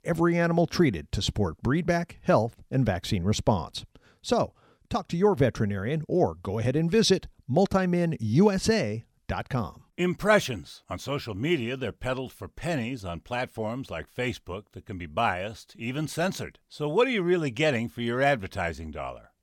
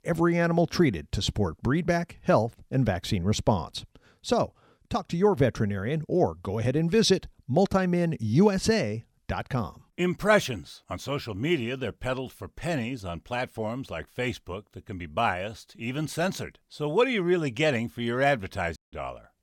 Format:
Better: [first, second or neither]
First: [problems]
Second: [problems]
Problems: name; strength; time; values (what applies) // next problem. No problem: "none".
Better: first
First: none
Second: audio cutting out; at 19 s